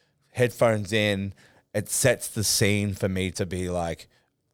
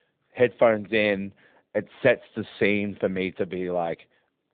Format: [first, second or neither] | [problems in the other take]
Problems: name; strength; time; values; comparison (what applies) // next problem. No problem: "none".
first | phone-call audio; nothing above 3.5 kHz